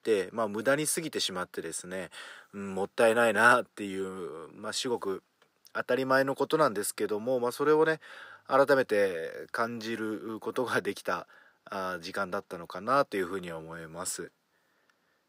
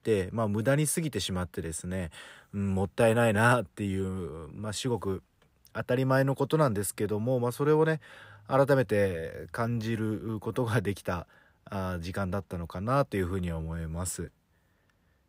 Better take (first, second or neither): second